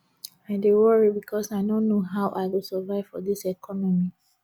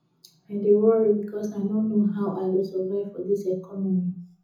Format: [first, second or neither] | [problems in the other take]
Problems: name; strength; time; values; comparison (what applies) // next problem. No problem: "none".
first | room echo; dies away in 0.5 s